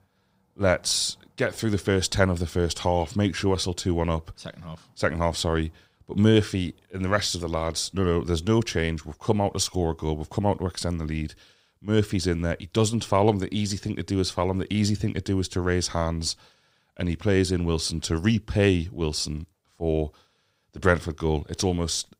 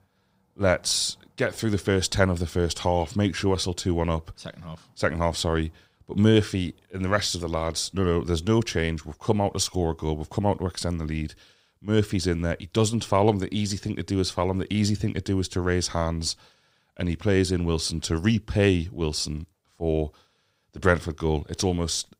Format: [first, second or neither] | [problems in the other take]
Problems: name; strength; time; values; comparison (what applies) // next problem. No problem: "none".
neither | none